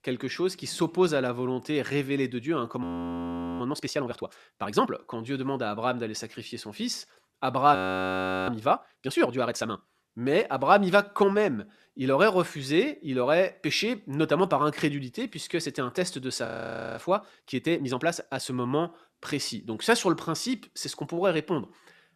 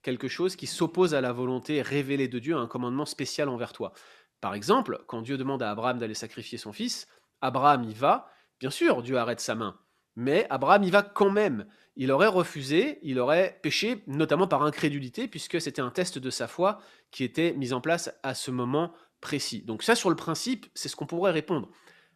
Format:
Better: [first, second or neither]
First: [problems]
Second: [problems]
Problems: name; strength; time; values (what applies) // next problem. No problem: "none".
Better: second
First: audio freezing; at 3 s for 1 s, at 8 s for 0.5 s and at 16 s for 0.5 s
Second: none